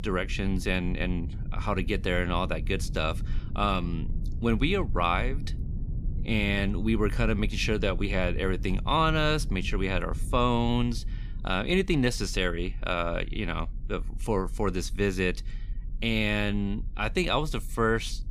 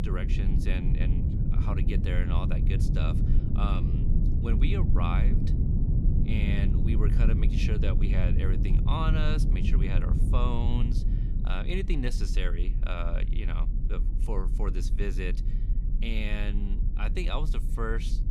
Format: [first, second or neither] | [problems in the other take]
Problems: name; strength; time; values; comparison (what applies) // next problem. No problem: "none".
first | low rumble; loud; throughout; 5 dB below the speech; faint in the first